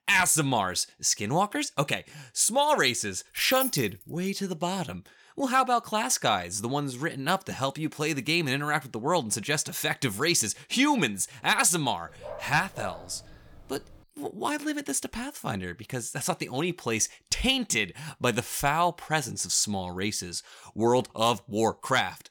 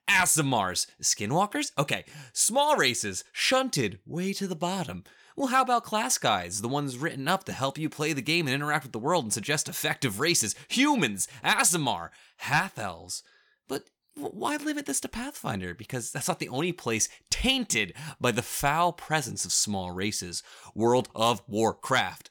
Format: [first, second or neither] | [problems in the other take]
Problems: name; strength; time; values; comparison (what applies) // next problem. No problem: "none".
second | jangling keys; noticeable; at 3.5 s; peak 3 dB below the speech // dog barking; faint; from 12 to 14 s; peak 15 dB below the speech